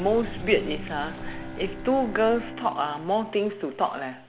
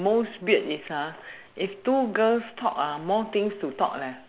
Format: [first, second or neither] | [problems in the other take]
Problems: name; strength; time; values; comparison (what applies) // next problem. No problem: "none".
second | background sound (Bowed string instrument + Sink (filling or washing)); 11 dB below the speech